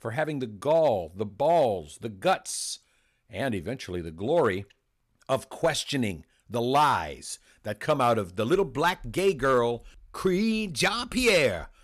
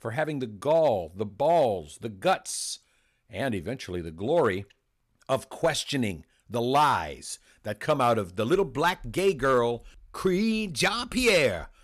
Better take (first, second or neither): neither